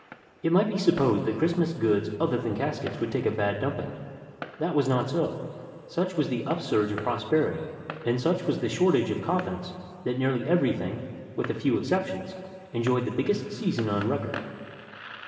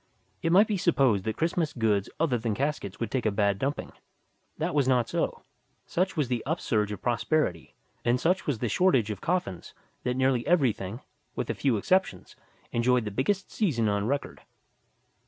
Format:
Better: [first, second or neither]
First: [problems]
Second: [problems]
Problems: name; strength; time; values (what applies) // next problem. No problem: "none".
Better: second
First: background sound (Fireworks); 19 dB below the speech // room echo; dies away in 2.6 s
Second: none